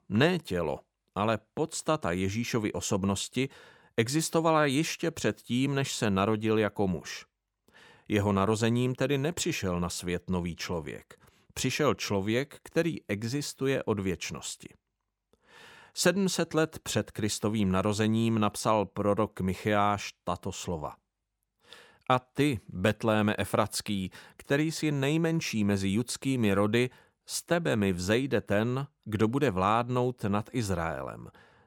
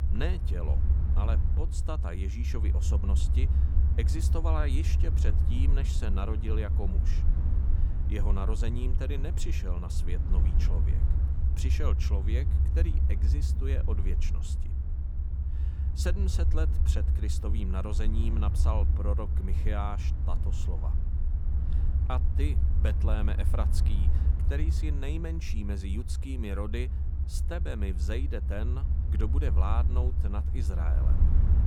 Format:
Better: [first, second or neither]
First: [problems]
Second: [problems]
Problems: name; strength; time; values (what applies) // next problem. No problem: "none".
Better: first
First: none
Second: low rumble; loud; throughout; 5 dB below the speech